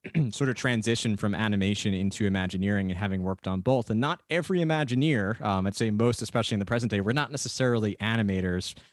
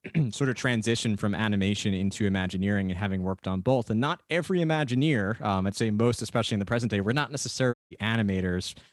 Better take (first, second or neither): first